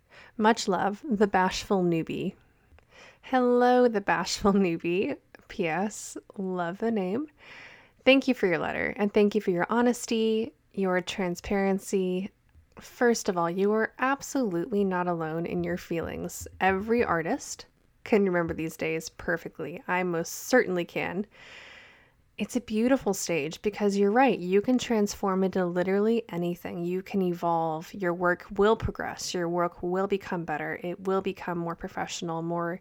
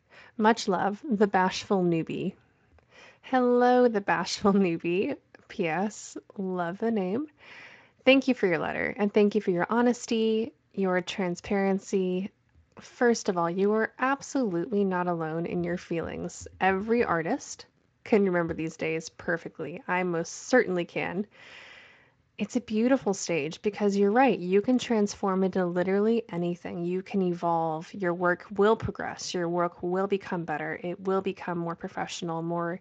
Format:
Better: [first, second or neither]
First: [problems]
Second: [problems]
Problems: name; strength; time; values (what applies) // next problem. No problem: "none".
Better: first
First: none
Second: garbled, watery; slightly; nothing above 7.5 kHz